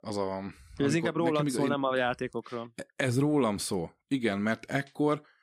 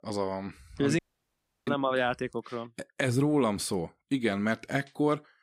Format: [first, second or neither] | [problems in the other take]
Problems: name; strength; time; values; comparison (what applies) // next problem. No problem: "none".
first | audio cutting out; at 1 s for 0.5 s